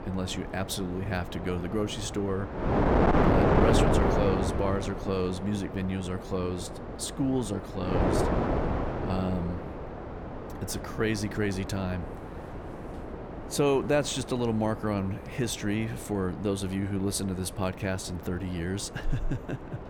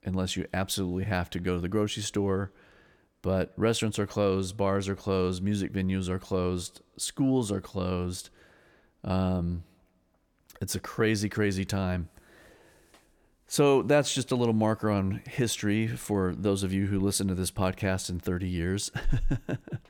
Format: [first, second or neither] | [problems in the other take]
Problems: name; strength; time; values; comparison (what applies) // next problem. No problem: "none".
second | wind noise on the microphone; heavy; as loud as the speech